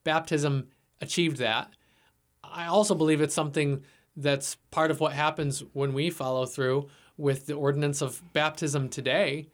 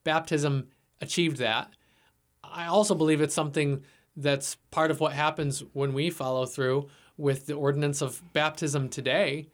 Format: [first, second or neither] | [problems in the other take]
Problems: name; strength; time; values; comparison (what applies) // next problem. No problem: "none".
neither | none